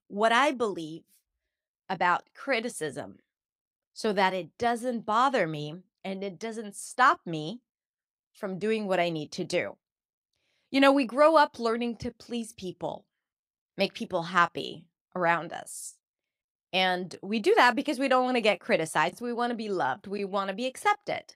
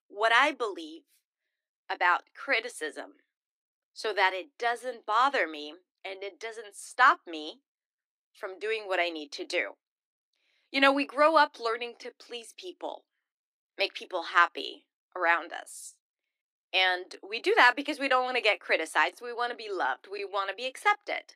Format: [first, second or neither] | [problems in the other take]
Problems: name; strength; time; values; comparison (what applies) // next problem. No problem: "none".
first | thin; somewhat; fading below 300 Hz